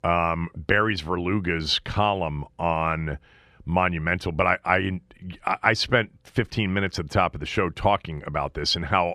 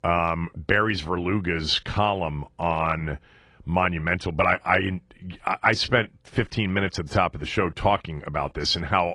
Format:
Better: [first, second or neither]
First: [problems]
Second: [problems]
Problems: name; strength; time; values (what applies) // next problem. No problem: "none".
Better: first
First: none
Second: garbled, watery; slightly; nothing above 10 kHz